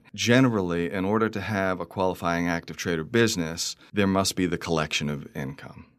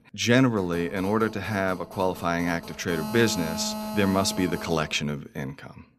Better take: first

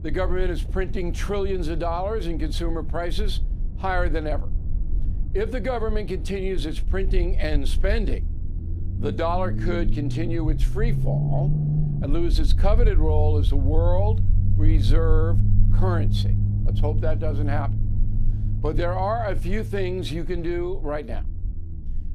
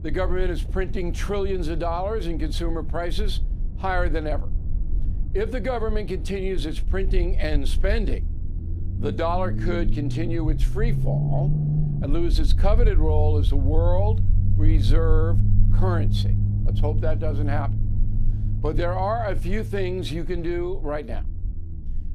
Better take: neither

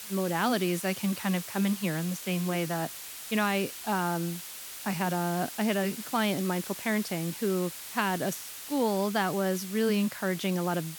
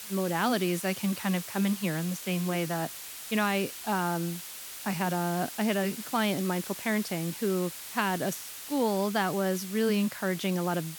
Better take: neither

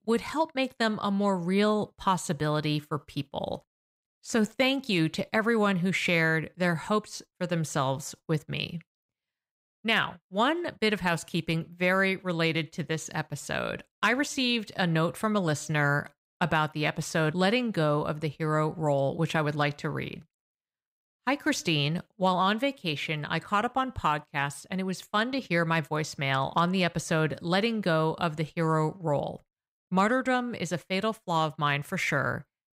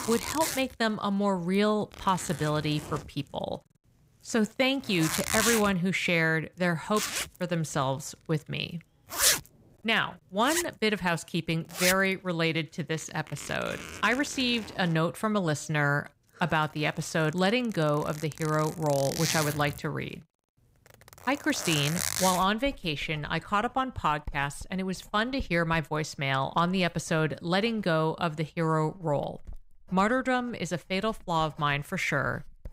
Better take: first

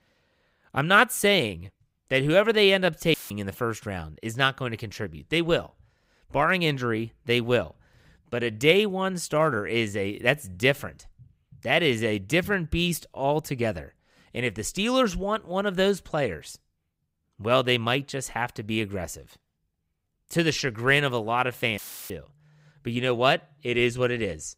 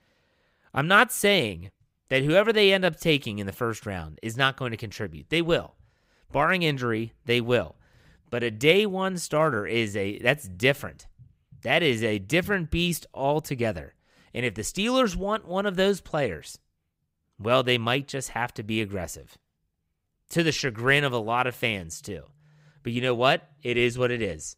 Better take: second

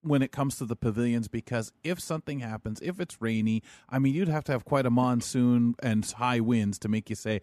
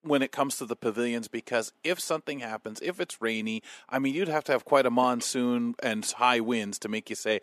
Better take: first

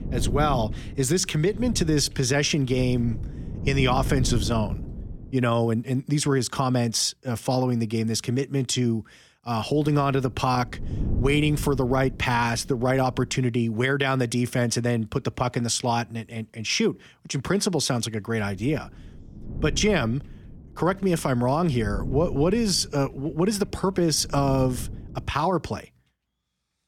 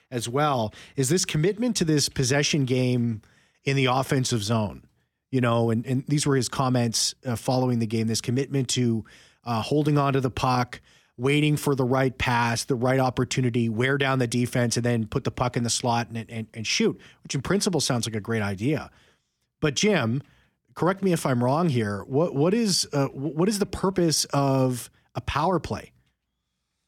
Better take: second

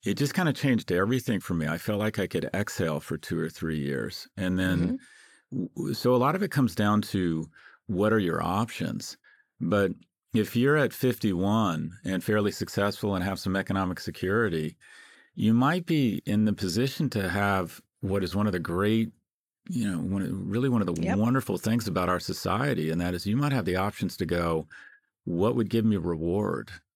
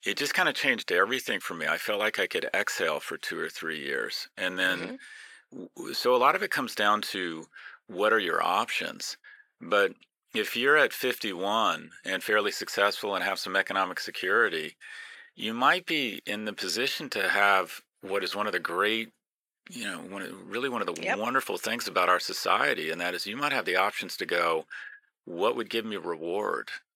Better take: first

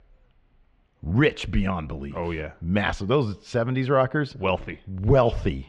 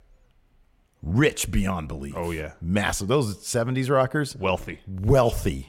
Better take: second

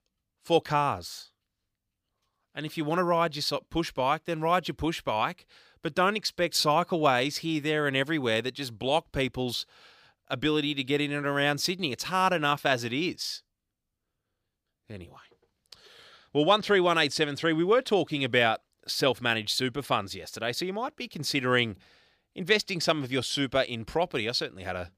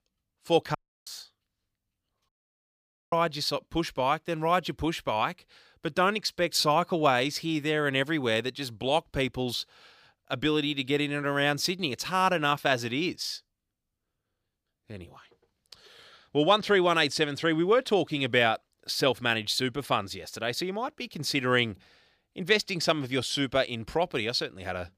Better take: first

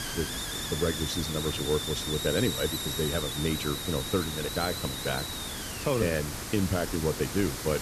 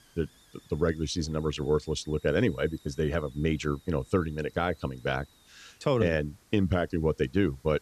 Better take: second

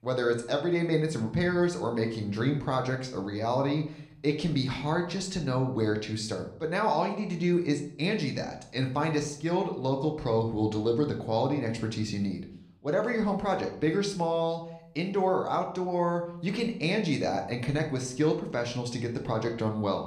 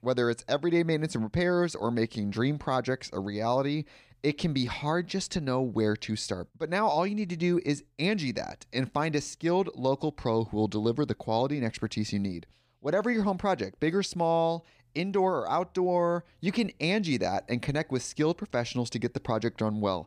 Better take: second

